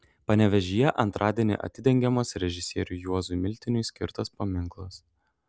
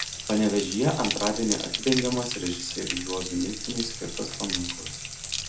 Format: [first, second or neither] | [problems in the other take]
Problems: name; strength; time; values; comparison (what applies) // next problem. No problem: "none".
first | background sound (Bathtub (filling or washing)); 4 dB below the speech // room echo; dies away in 0.4 s